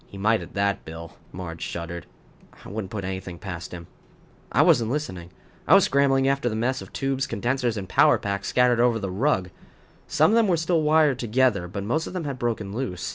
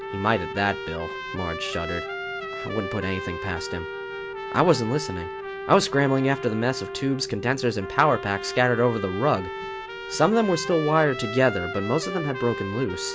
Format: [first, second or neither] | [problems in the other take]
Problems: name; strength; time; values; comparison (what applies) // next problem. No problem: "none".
first | background sound (Trumpet + Wind instrument, woodwind instrument); 8 dB below the speech